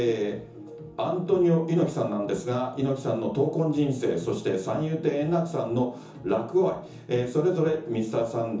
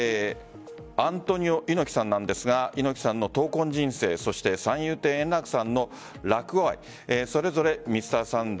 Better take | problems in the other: second | room echo; dies away in 0.6 s

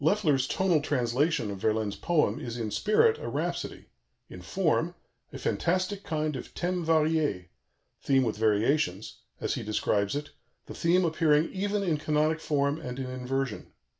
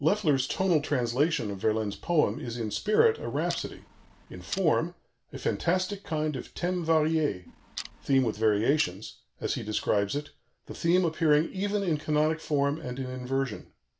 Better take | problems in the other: first | background sound (Clock); 17 dB below the speech

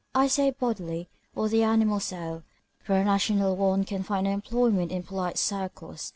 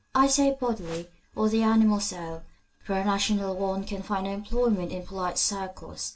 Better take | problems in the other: first | background sound (Whoosh, swoosh, swish); 19 dB below the speech // room echo; dies away in 0.2 s

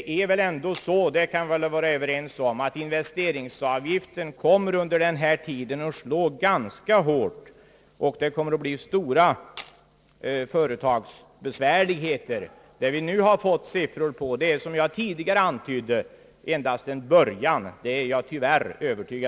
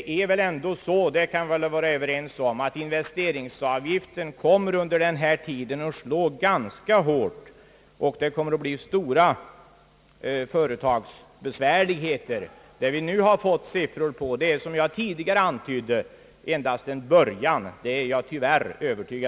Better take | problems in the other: second | noise reduction (neural separator model SepFormer DNS4)

